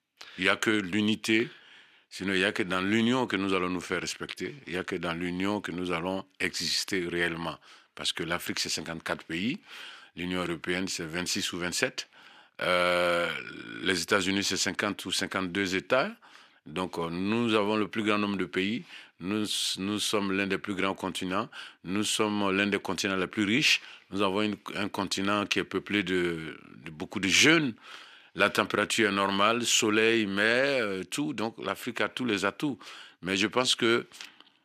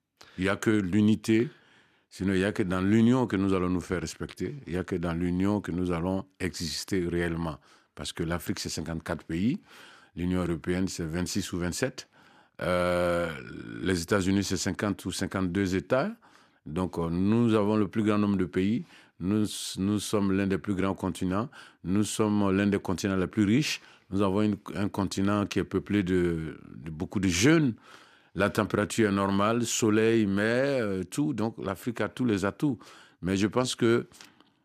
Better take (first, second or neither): second